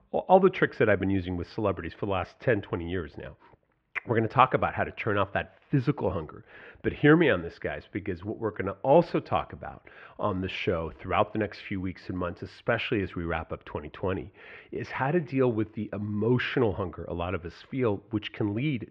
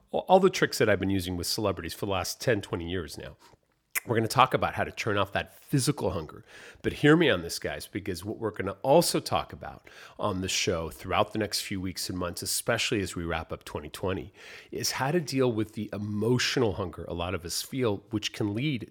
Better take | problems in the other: second | muffled; very; fading above 2.5 kHz

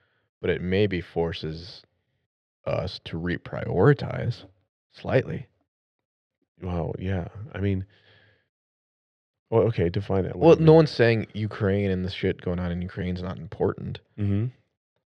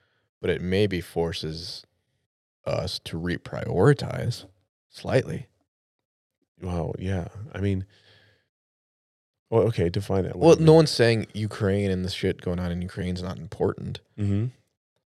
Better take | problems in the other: second | muffled; very slightly; fading above 2.5 kHz

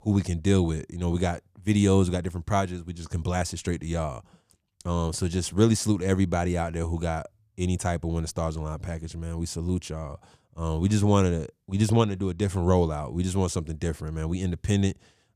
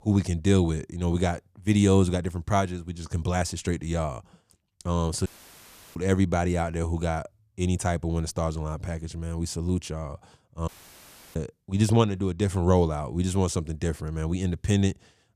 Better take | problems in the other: first | audio cutting out; at 5.5 s for 0.5 s and at 11 s for 0.5 s

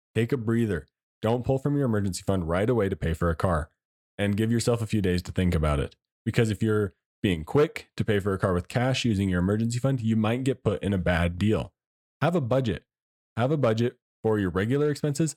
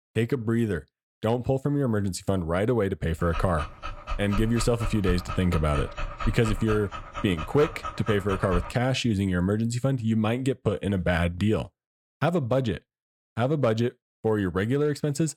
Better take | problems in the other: first | dog barking; noticeable; from 3.5 to 8.5 s; peak 7 dB below the speech

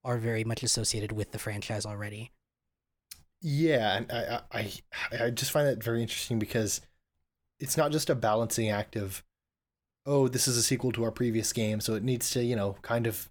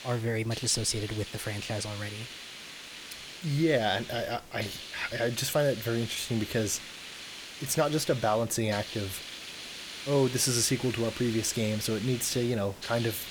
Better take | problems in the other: first | hiss; noticeable; throughout; 10 dB below the speech

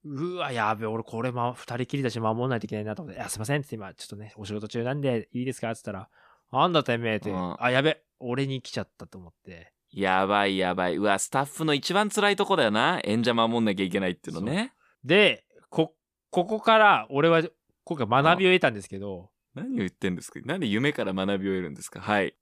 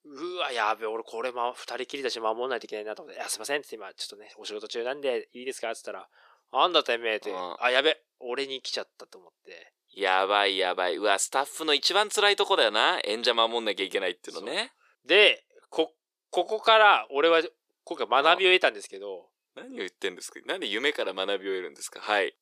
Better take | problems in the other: first | thin; very; fading below 400 Hz

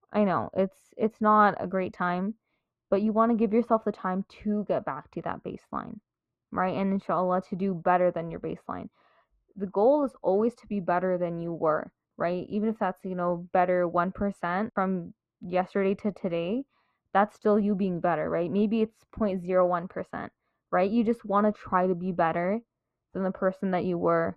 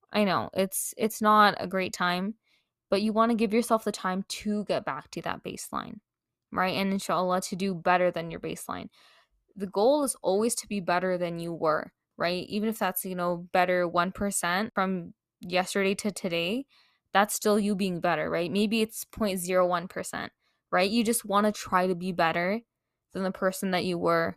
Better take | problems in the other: second | muffled; very; fading above 4 kHz

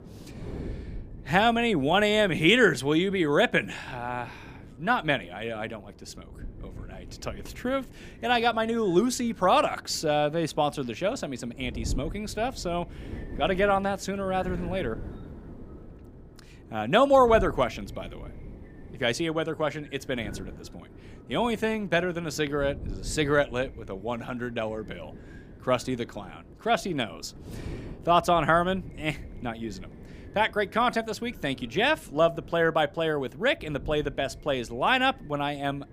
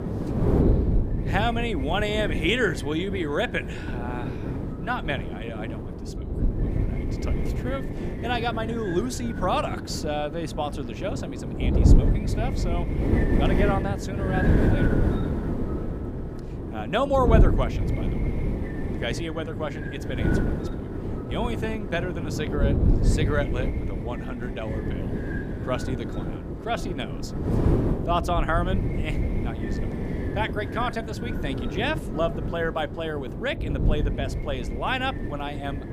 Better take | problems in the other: first | wind noise on the microphone; heavy; 5 dB below the speech; occasional gusts in the first

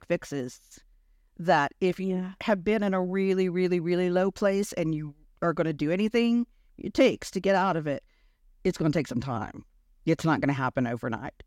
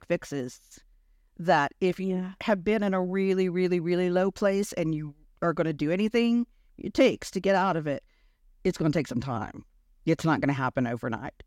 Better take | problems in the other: neither | none

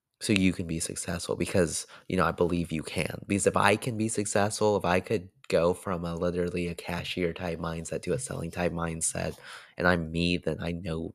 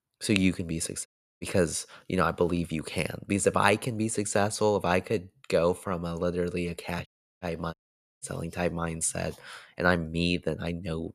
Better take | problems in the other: first | audio cutting out; at 1 s, at 7 s and at 7.5 s

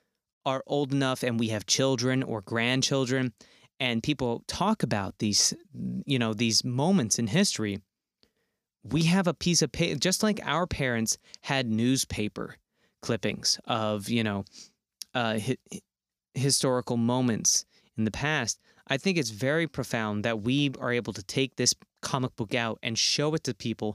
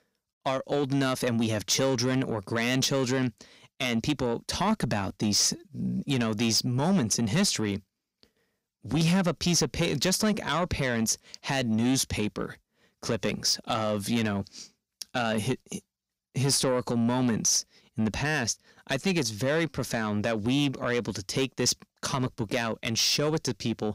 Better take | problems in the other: first | distortion; slight; 10 dB below the speech

